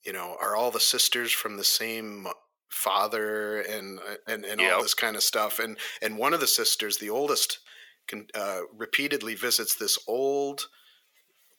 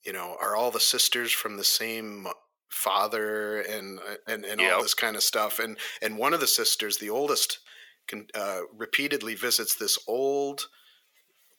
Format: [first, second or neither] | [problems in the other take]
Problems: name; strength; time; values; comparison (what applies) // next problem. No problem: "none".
neither | thin; very; fading below 350 Hz; the same in both